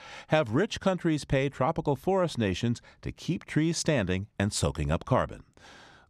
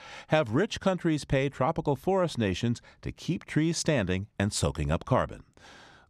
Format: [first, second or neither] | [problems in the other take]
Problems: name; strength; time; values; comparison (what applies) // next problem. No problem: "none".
neither | none